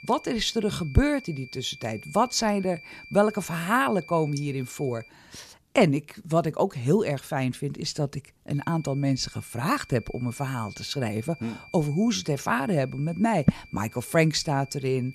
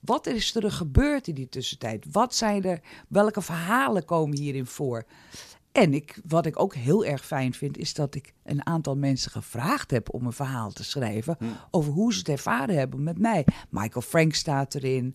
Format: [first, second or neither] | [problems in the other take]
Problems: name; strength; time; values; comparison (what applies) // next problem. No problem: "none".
second | high-pitched whine; noticeable; until 5 s and from 8.5 s on; 2.5 kHz, 20 dB below the speech